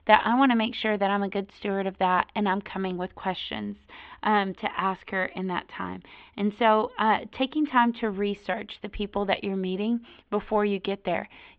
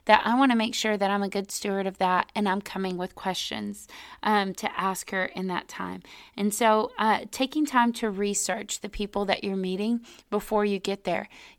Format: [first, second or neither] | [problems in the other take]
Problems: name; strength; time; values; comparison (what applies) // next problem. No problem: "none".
second | muffled; very; fading above 3.5 kHz